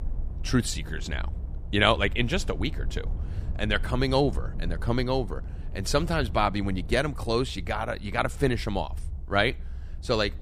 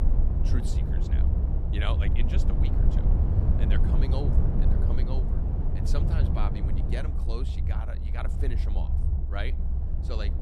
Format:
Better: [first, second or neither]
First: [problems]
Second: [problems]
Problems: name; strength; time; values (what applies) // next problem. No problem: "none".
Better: first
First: low rumble; faint; throughout; 25 dB below the speech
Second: low rumble; loud; throughout; 1 dB below the speech